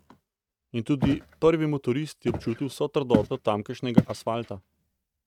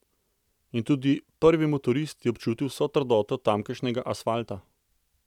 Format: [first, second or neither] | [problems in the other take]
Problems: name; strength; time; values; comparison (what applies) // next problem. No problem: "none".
second | noise reduction (neural mask model RNNoise)